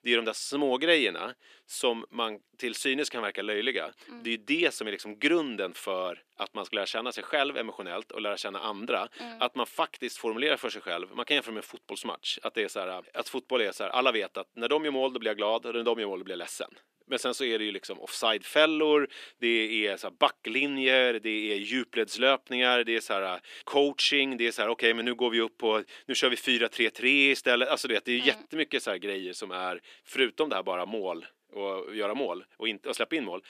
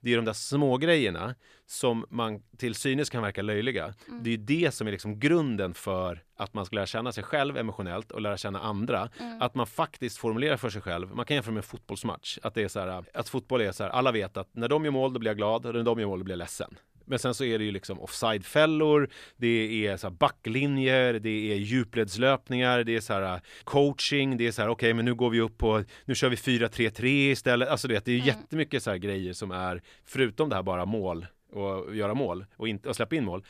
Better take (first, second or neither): second